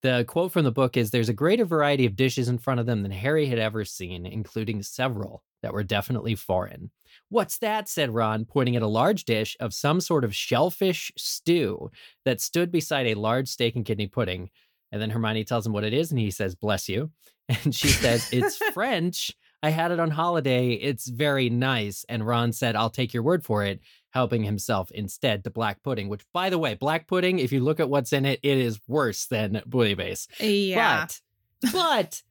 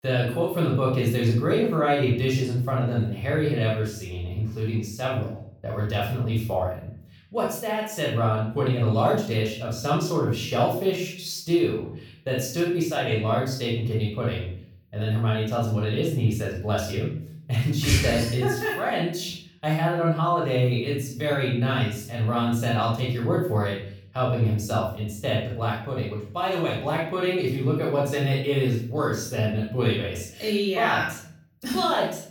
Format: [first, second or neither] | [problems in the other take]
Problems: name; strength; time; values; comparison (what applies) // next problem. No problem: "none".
first | off-mic speech; far // room echo; noticeable; dies away in 0.5 s